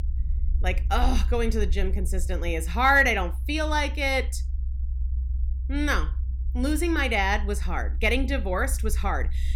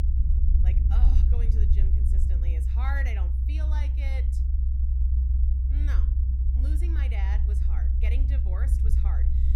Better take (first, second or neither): first